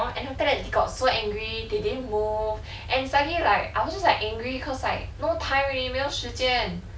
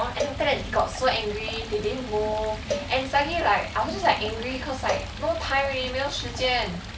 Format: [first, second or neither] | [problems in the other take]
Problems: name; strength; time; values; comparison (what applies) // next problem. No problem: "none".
first | background sound (Cowbell + Stream); 9 dB below the speech